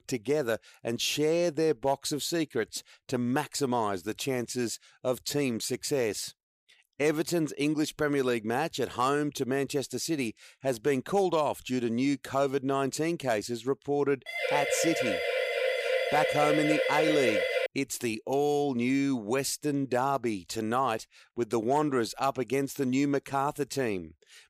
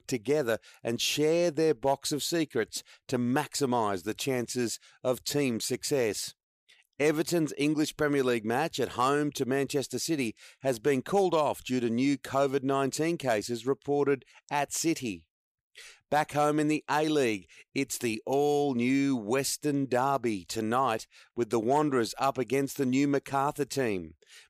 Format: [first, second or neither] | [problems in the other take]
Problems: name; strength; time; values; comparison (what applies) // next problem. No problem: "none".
second | siren; loud; from 14 to 18 s; peak 2 dB above the speech